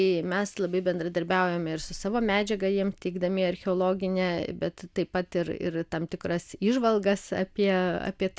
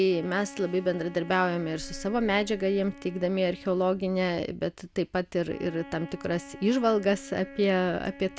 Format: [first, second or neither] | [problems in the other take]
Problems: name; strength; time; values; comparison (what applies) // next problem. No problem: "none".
first | background sound (Wind instrument, woodwind instrument); 19 dB below the speech